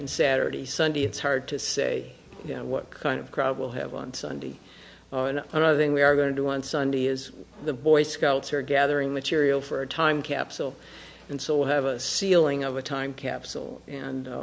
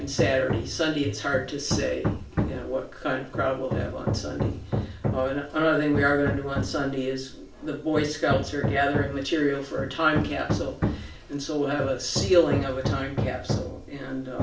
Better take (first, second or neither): first